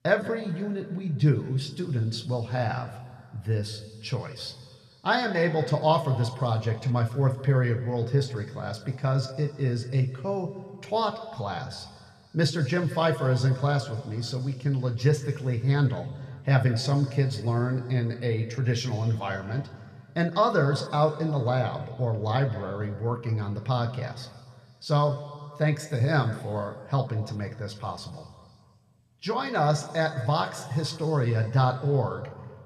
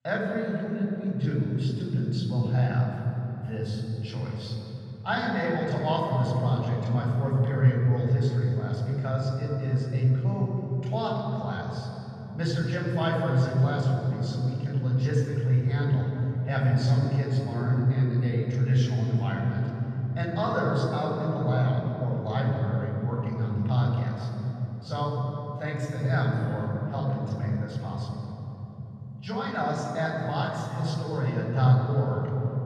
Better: first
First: room echo; slight; dies away in 1.8 s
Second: room echo; strong; dies away in 3 s // off-mic speech; far

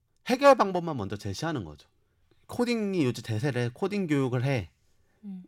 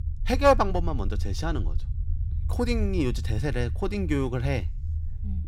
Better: first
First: none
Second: low rumble; faint; throughout; 20 dB below the speech

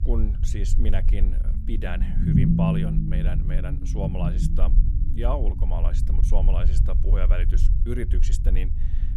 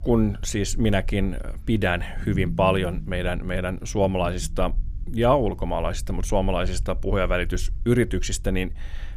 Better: second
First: low rumble; loud; throughout; 1 dB below the speech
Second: low rumble; faint; throughout; 25 dB below the speech

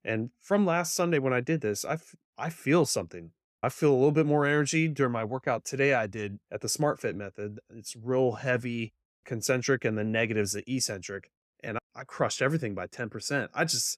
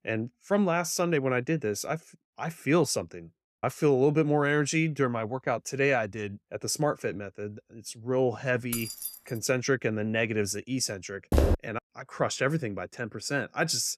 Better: first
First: none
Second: jangling keys; noticeable; at 8.5 s; peak 5 dB below the speech // footsteps; loud; at 11 s; peak 3 dB above the speech

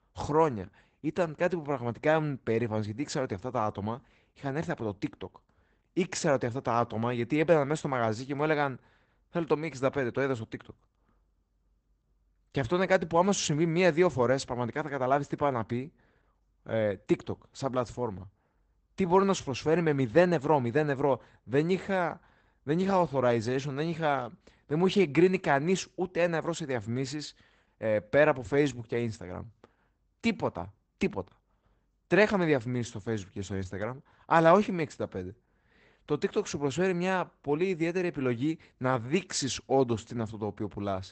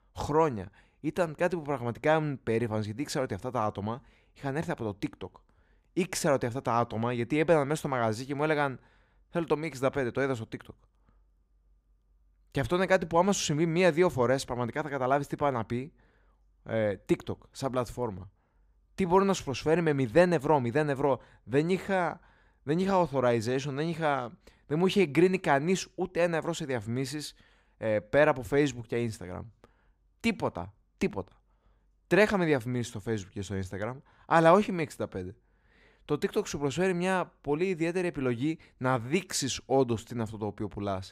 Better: second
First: garbled, watery; badly; nothing above 8 kHz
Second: none

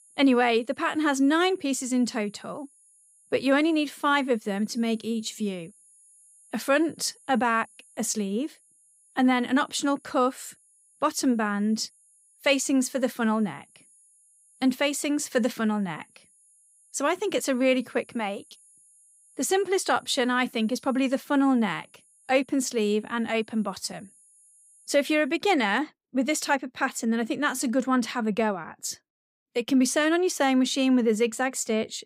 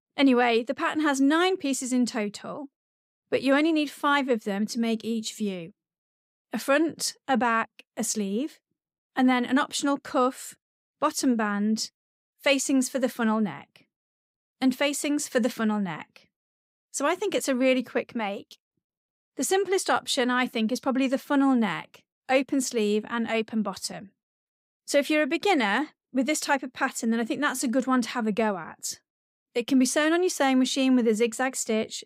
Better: second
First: high-pitched whine; faint; until 25 s; 10.5 kHz, 30 dB below the speech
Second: none

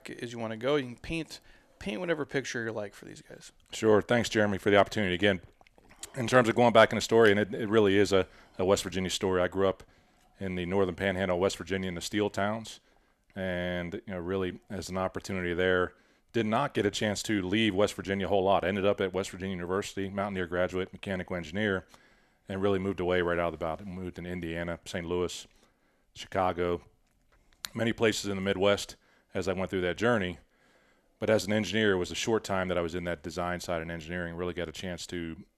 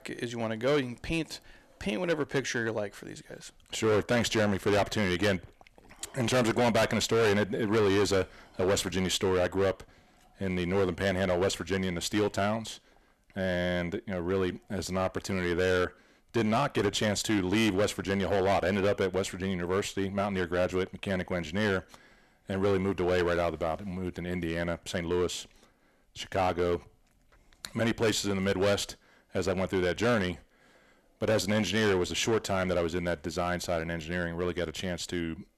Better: first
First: none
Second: distortion; heavy; 8% of the sound clipped

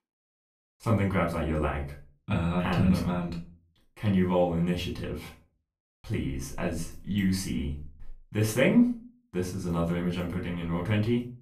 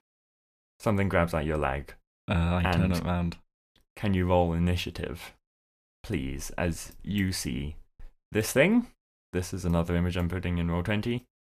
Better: second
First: off-mic speech; far // room echo; slight; dies away in 0.3 s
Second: none

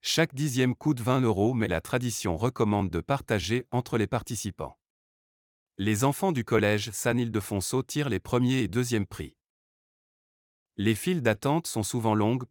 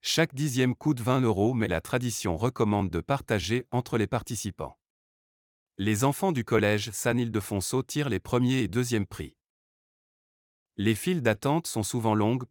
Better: neither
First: none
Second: none

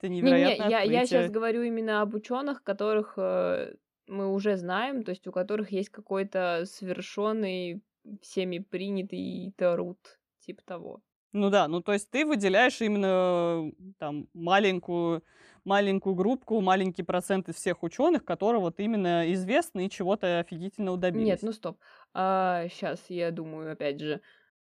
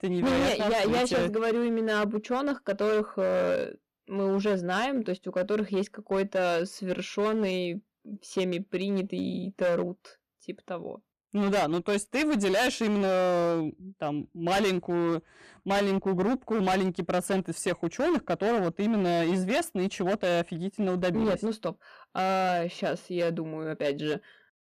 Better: first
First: none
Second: distortion; heavy; 15% of the sound clipped

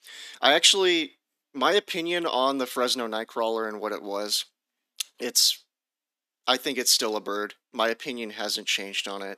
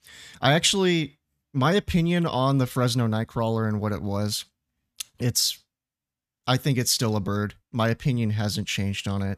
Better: second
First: thin; very; fading below 300 Hz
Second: none

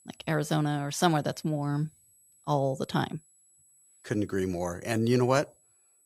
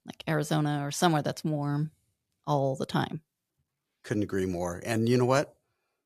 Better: second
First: high-pitched whine; faint; throughout; 8 kHz, 30 dB below the speech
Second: none

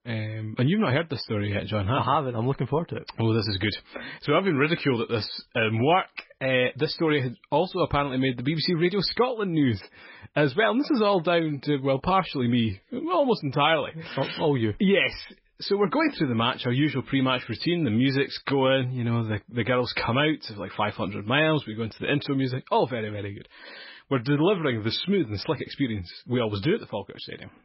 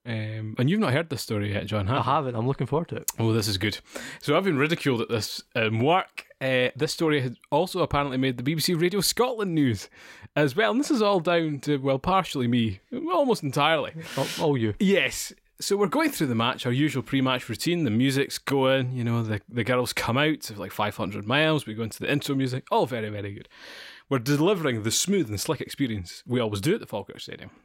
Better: second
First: garbled, watery; badly; nothing above 5.5 kHz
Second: none

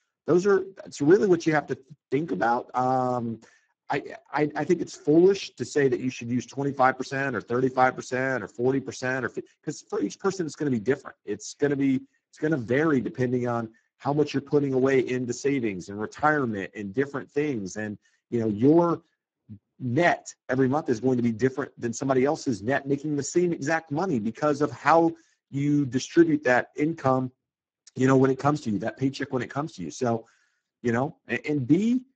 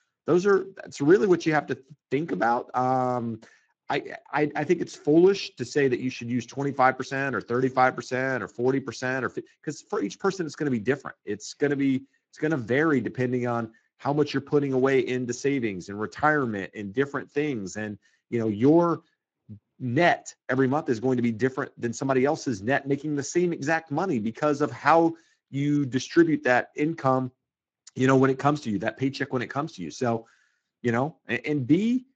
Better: second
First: garbled, watery; badly; nothing above 7.5 kHz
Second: garbled, watery; slightly; nothing above 7.5 kHz

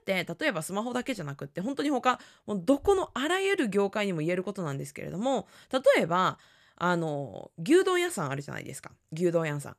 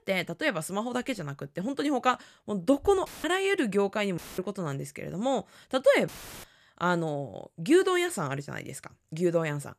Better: first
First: none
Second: audio cutting out; filled with static; at 3 s, at 4 s and at 6 s

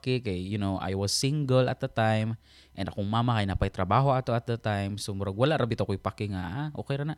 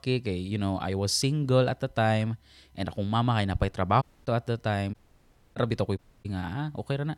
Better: first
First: none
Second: audio cutting out; at 4 s, at 5 s for 0.5 s and at 6 s

